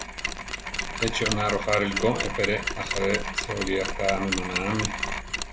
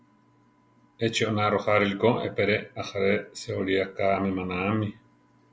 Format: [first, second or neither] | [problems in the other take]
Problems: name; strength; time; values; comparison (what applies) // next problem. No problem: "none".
second | background sound (Mechanisms); 2 dB below the speech